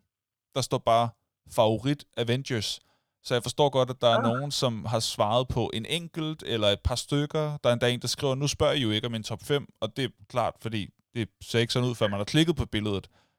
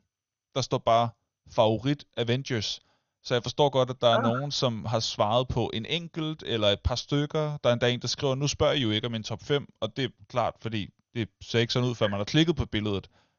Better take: first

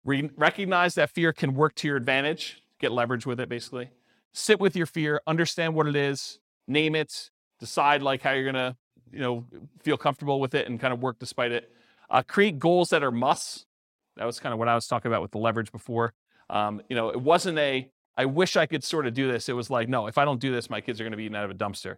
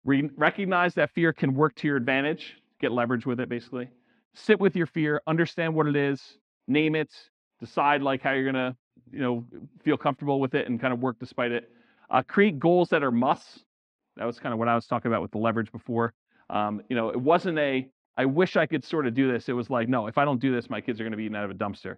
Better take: first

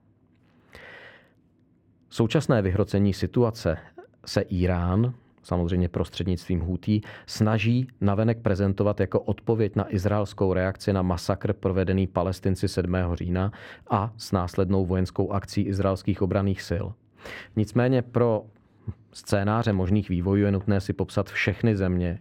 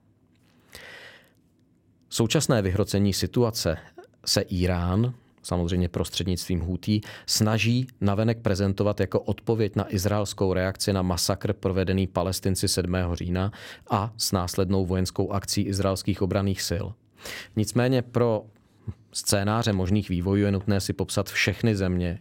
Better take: second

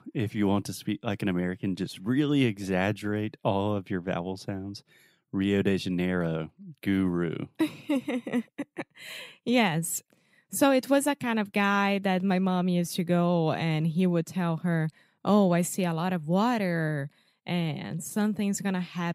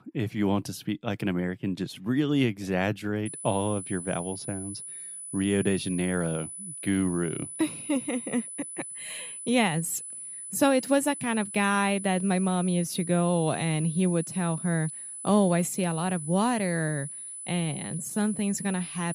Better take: first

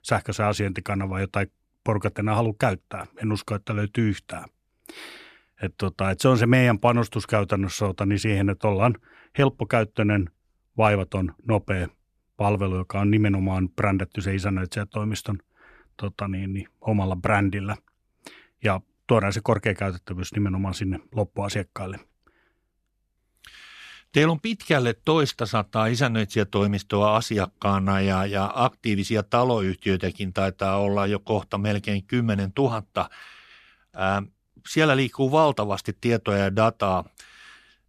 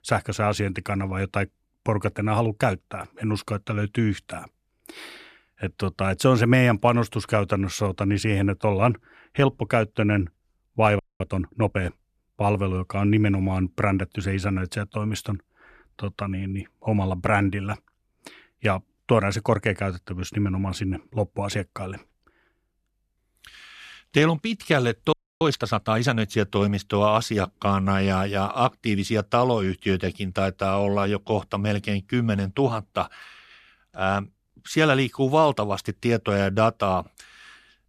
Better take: first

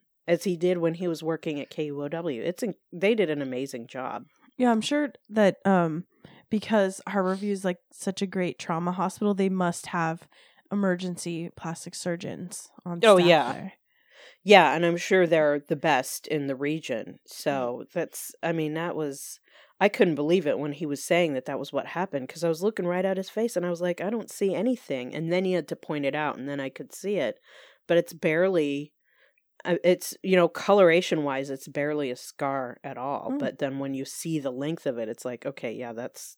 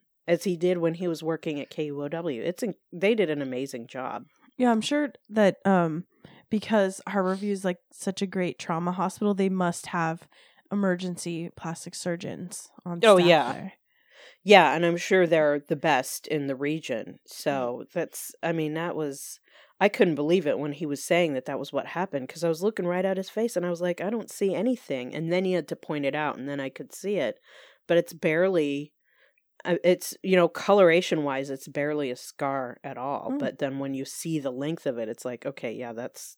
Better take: neither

